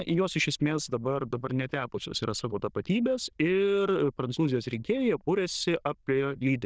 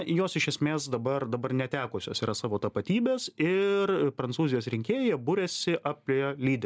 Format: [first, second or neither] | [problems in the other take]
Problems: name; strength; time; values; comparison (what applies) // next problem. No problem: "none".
second | noise reduction (neural diffusion model UNIVERSE++)